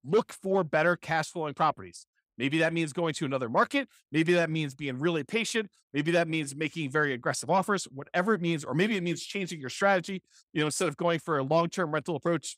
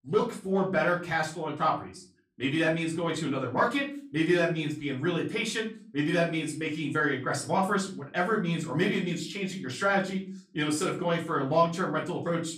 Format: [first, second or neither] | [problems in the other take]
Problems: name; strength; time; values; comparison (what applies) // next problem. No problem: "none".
first | off-mic speech; far // room echo; slight; dies away in 0.4 s